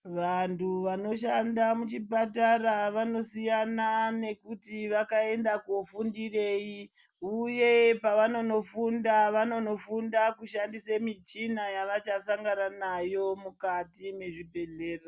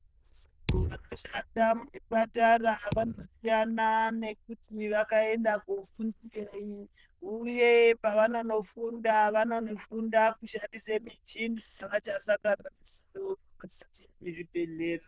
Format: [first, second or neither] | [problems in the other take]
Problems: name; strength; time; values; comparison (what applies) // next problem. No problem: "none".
first | noise reduction (neural diffusion model UNIVERSE++)